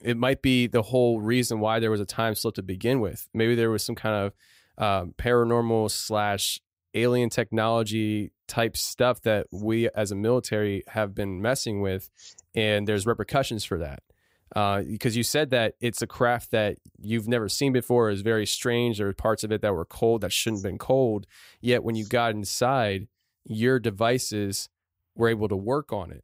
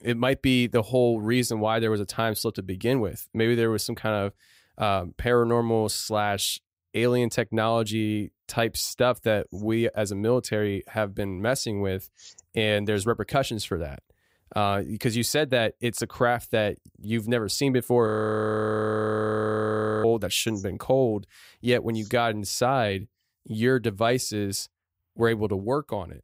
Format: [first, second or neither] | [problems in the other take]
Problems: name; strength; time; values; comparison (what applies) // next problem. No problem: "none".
first | audio freezing; at 18 s for 2 s